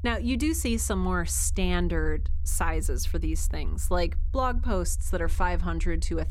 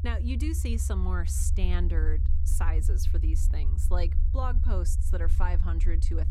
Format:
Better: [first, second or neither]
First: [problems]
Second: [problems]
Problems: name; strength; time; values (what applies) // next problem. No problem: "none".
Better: first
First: low rumble; faint; throughout; 20 dB below the speech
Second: low rumble; loud; throughout; 8 dB below the speech